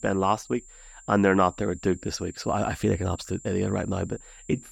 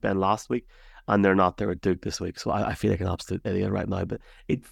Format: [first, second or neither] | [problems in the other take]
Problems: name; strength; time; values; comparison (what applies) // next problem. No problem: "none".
second | high-pitched whine; noticeable; throughout; 7.5 kHz, 20 dB below the speech